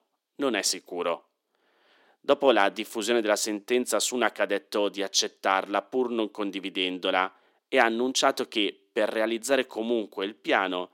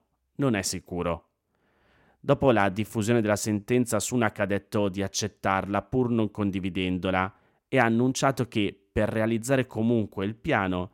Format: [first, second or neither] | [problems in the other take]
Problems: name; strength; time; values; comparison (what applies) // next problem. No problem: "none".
second | thin; somewhat; fading below 300 Hz